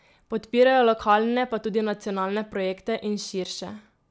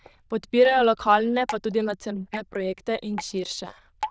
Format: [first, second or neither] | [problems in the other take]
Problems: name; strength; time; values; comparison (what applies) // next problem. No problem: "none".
first | noise reduction (neural diffusion model UNIVERSE++)